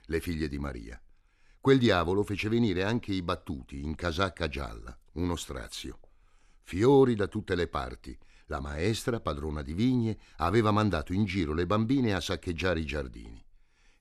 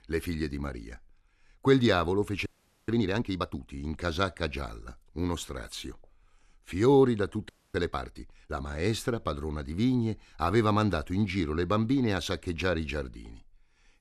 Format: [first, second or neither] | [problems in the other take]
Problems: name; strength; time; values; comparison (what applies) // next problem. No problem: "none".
first | audio freezing; at 2.5 s and at 7.5 s